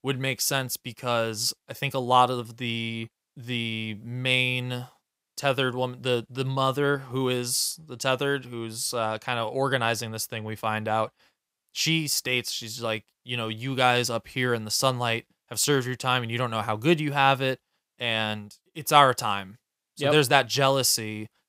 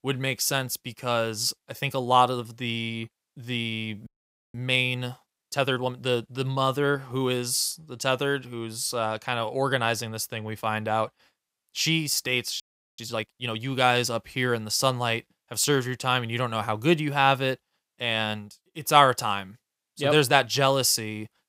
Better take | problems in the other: first | audio freezing; at 4 s and at 13 s

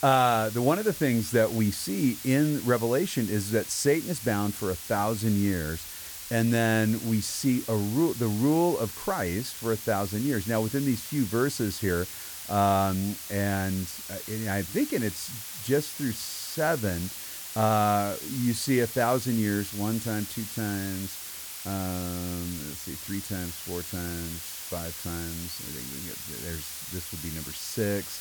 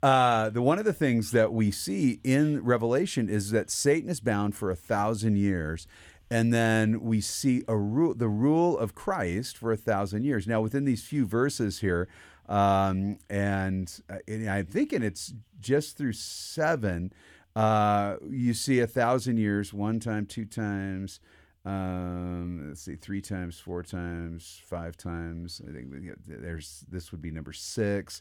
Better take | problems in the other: second | hiss; loud; throughout; 8 dB below the speech

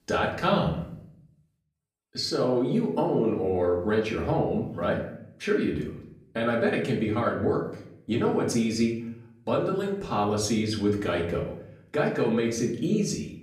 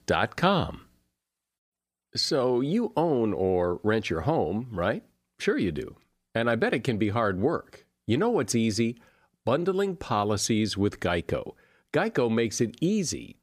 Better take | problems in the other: second | off-mic speech; far // room echo; slight; dies away in 0.6 s

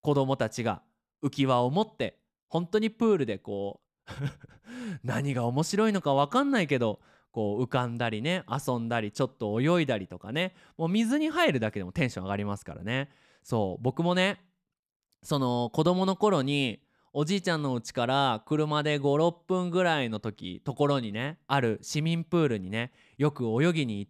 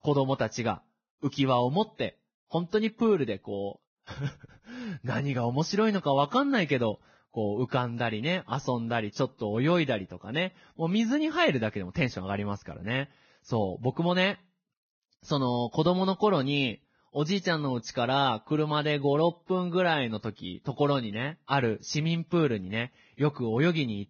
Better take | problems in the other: first | garbled, watery; badly; nothing above 6.5 kHz

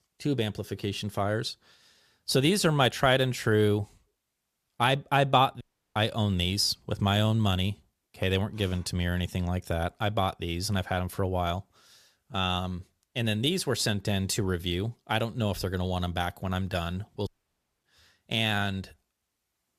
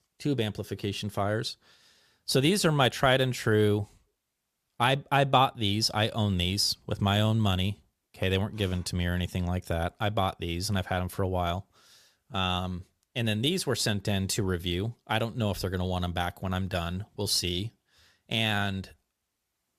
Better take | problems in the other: second | audio cutting out; at 5.5 s and at 17 s for 0.5 s

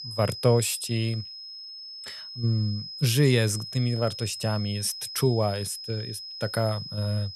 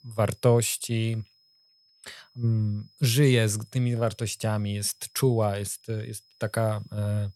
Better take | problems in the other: second | high-pitched whine; loud; throughout; 5 kHz, 10 dB below the speech; faint in the second

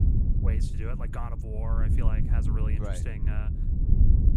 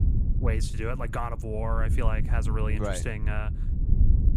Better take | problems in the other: second | wind noise on the microphone; heavy; 1 dB below the speech; occasional gusts in the second

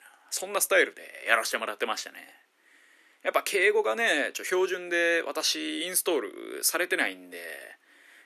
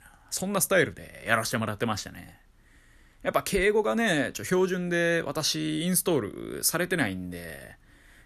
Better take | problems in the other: second | thin; very; fading below 300 Hz

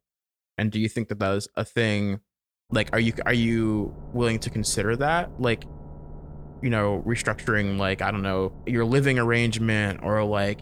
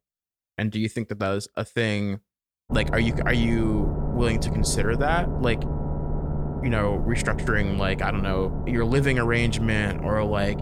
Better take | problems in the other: first | low rumble; loud; from 2.5 s on; 10 dB below the speech; faint in the first

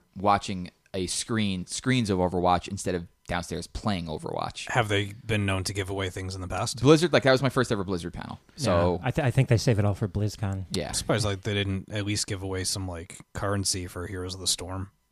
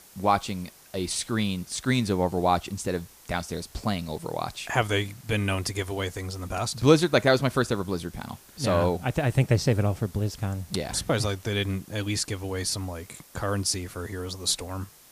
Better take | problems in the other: first | hiss; faint; throughout; 25 dB below the speech

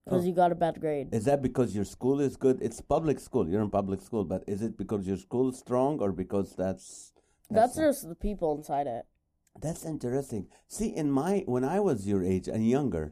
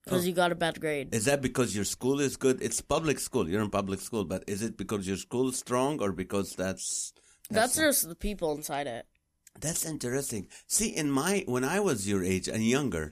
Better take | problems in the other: second | muffled; very; fading above 1 kHz

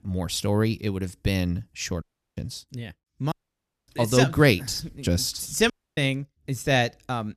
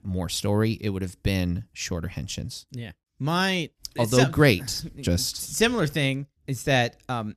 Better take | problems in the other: second | audio cutting out; at 2 s, at 3.5 s for 0.5 s and at 5.5 s

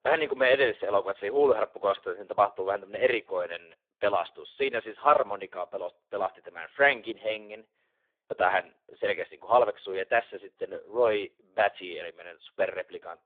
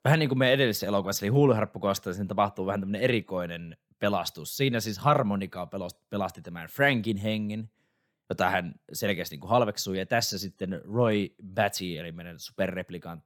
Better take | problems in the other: second | phone-call audio; poor line

